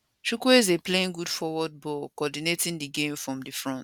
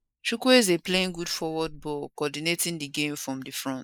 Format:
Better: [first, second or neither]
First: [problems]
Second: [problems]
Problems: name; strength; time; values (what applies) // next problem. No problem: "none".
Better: first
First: none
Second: noise reduction (neural mask model Resemble Enhance denoiser)